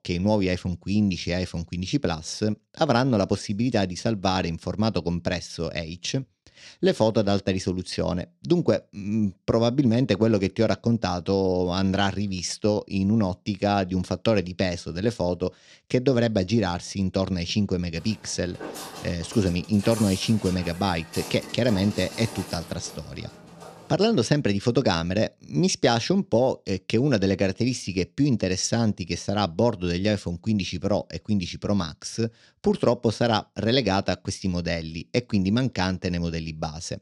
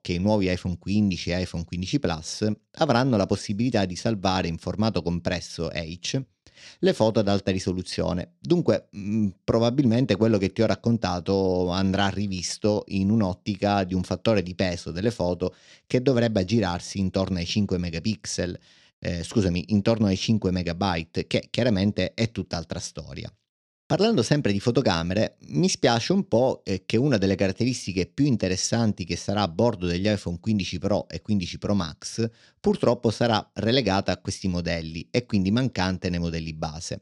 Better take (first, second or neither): second